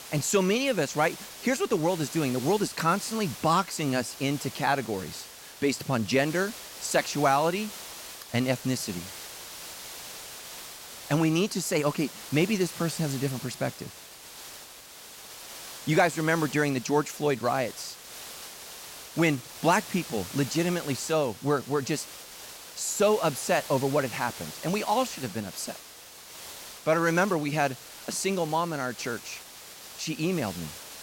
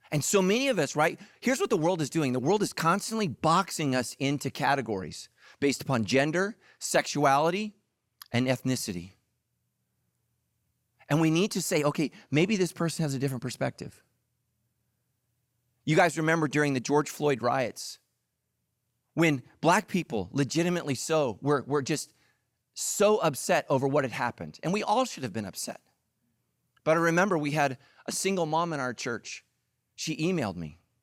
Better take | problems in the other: second | hiss; noticeable; throughout; 15 dB below the speech

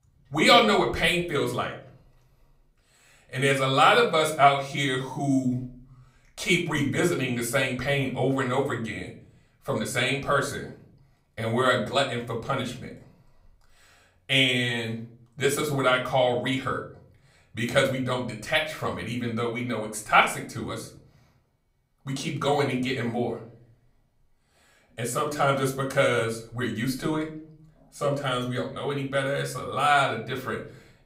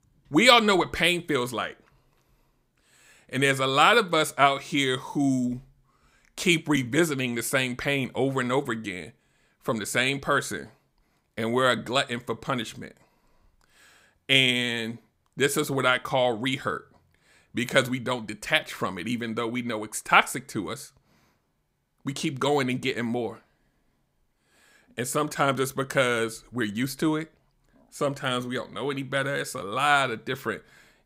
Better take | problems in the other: second | off-mic speech; far // room echo; slight; dies away in 0.5 s

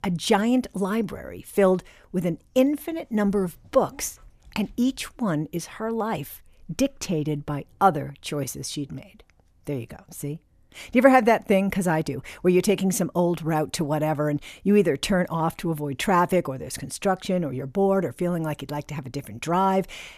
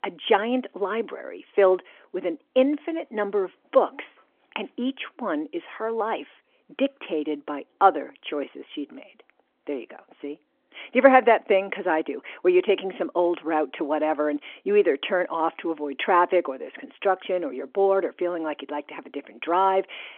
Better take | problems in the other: first | phone-call audio; nothing above 3.5 kHz

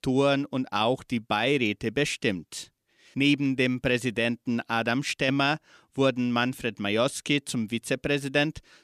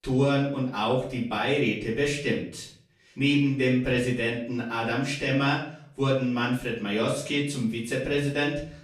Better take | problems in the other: first | off-mic speech; far // room echo; noticeable; dies away in 0.5 s

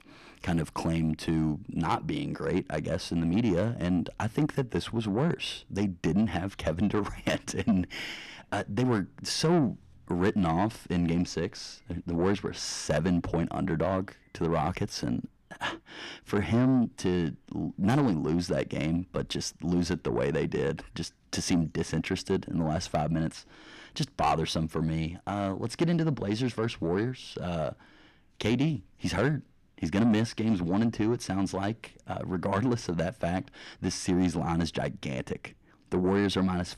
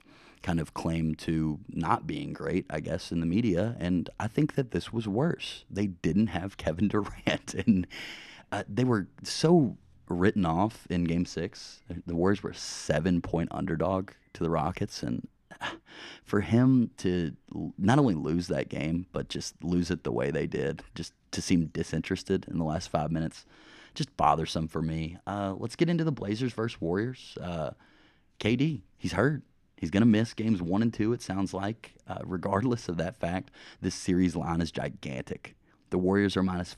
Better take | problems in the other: second | distortion; slight; 10 dB below the speech

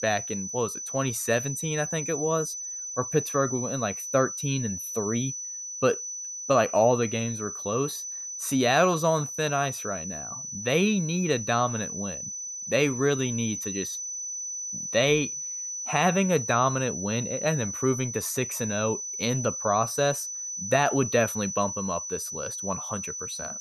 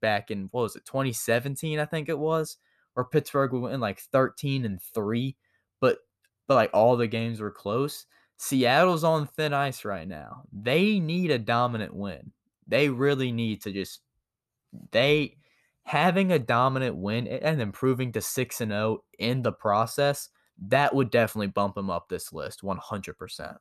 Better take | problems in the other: second | high-pitched whine; loud; throughout; 6 kHz, 5 dB below the speech

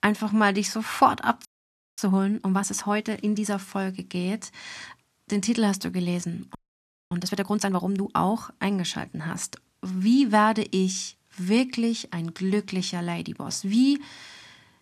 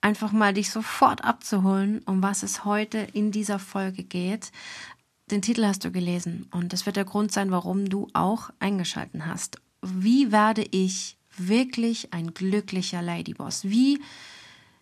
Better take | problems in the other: second | audio freezing; at 1.5 s for 0.5 s and at 6.5 s for 0.5 s

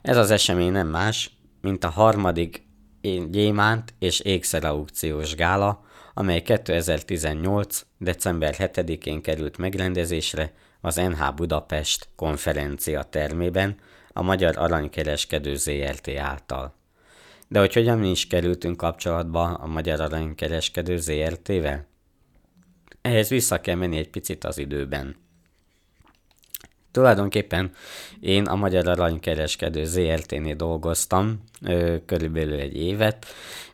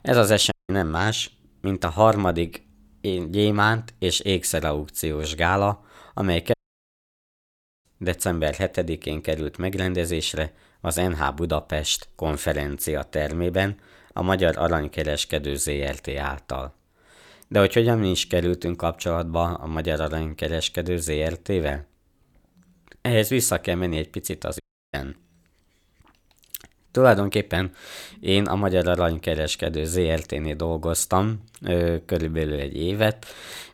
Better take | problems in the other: first | audio cutting out; at 0.5 s, at 6.5 s for 1.5 s and at 25 s

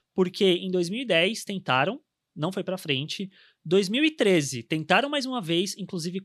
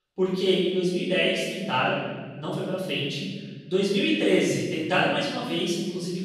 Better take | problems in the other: first | off-mic speech; far // room echo; strong; dies away in 1.4 s

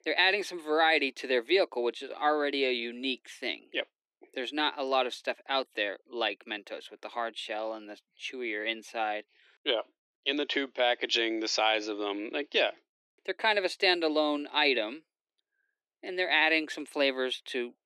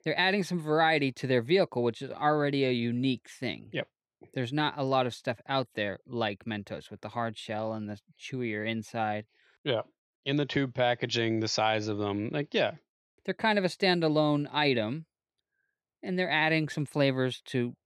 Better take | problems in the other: second | thin; somewhat; fading below 300 Hz

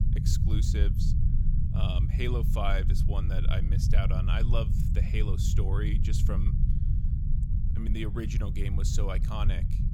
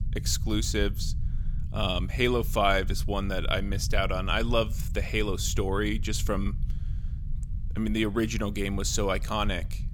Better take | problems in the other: second | low rumble; loud; throughout; 5 dB below the speech; faint in the second

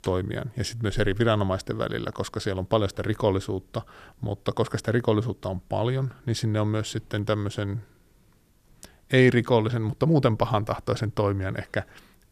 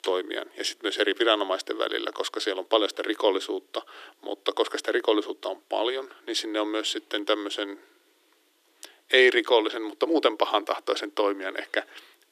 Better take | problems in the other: first | thin; very; fading below 300 Hz

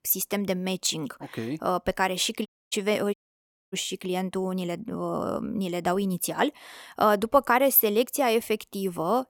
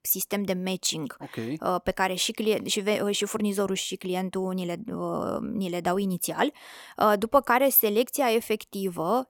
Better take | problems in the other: second | audio cutting out; at 2.5 s and at 3 s for 0.5 s

